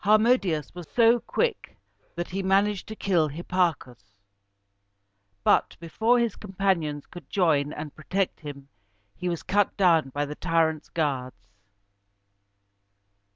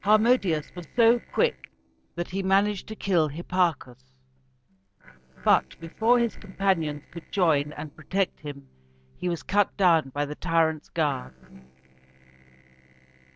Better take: first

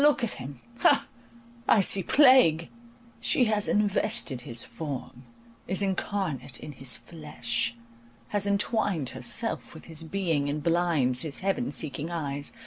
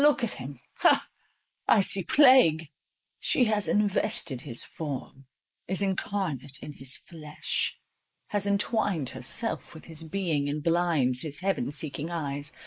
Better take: first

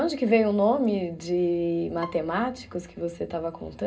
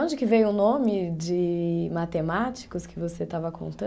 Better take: second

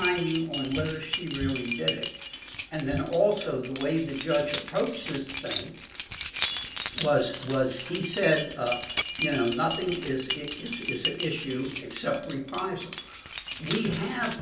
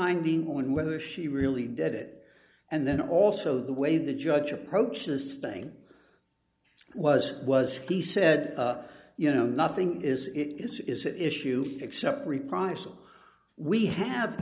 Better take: second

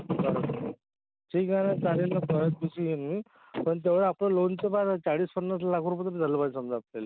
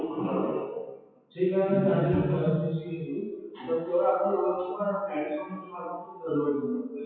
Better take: first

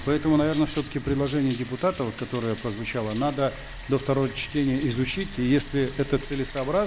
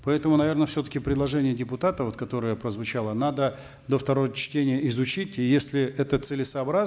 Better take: second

